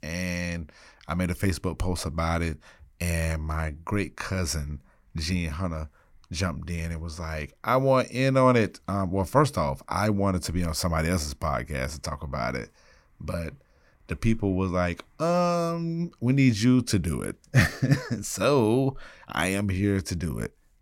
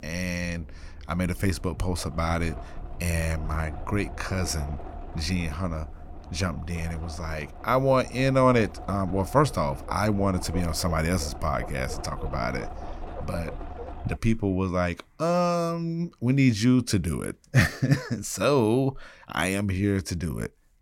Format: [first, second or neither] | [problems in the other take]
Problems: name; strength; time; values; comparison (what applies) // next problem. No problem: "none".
first | low rumble; noticeable; until 14 s; 15 dB below the speech